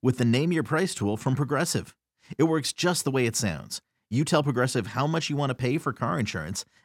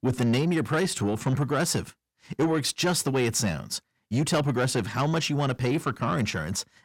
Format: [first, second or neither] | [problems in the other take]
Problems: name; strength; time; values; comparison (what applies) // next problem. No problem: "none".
first | distortion; slight; 10 dB below the speech